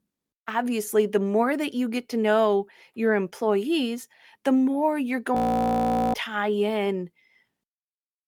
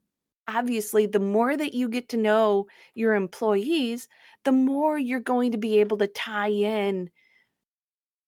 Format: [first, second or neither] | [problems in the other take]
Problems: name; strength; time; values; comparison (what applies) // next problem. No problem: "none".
second | audio freezing; at 5.5 s for 1 s